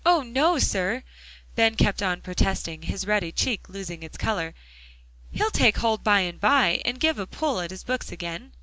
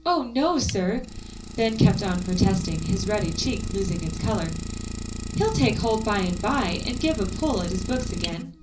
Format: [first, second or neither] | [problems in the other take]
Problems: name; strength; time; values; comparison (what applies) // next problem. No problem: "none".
first | background sound (Idling); 7 dB below the speech // room echo; dies away in 0.5 s